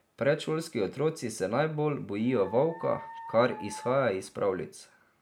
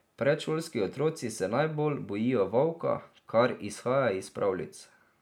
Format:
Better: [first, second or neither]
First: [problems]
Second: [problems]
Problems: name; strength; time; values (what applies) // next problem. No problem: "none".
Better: second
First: background sound (Dog); 15 dB below the speech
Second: none